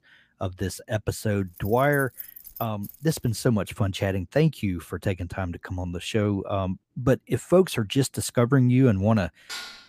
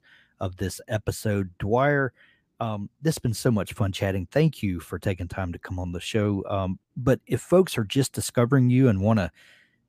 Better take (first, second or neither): second